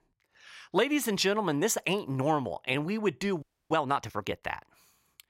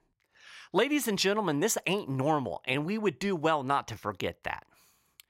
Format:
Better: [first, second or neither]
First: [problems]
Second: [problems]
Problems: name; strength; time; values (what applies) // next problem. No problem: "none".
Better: second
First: audio freezing; at 3.5 s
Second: none